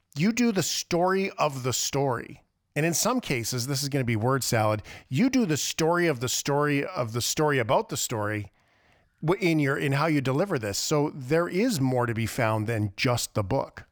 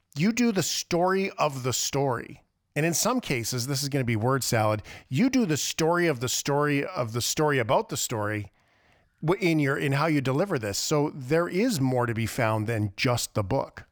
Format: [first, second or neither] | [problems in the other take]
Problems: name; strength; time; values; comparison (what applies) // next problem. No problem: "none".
neither | none